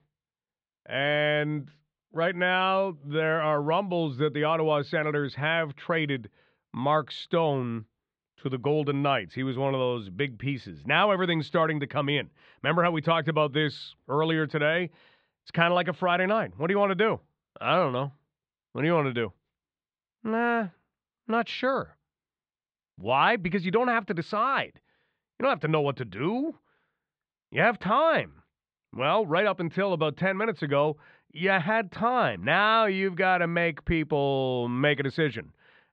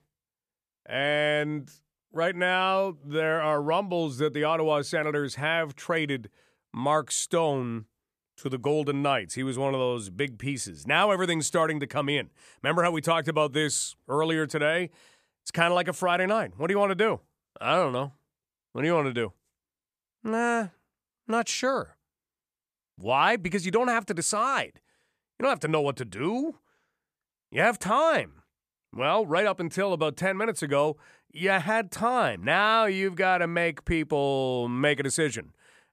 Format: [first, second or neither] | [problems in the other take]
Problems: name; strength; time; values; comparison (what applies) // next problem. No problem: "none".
second | muffled; slightly; fading above 4 kHz